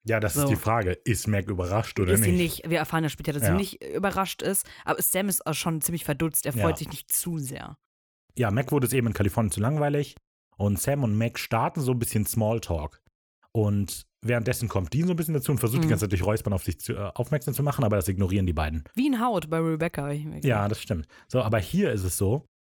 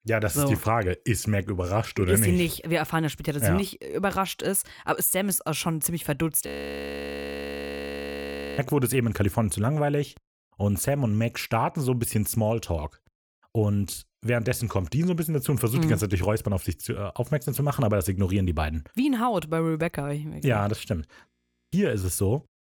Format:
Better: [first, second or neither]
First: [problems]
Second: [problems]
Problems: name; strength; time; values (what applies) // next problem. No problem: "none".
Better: first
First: none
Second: audio freezing; at 6.5 s for 2 s and at 21 s